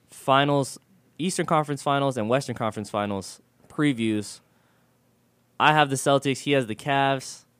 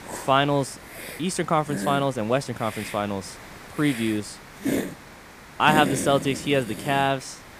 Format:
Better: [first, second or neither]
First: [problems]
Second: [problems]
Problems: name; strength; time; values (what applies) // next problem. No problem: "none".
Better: first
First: none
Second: hiss; loud; throughout; 9 dB below the speech